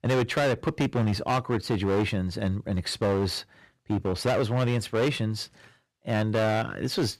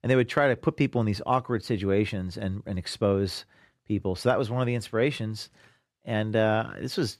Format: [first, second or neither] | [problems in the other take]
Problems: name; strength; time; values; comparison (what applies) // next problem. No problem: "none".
second | distortion; heavy; 15% of the sound clipped